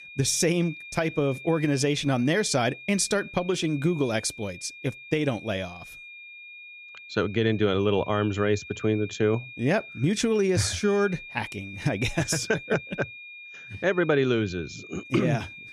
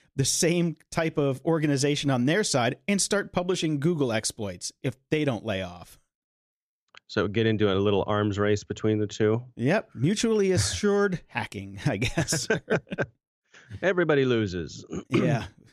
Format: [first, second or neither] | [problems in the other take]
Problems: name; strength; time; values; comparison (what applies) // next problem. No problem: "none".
second | high-pitched whine; noticeable; throughout; 2.5 kHz, 15 dB below the speech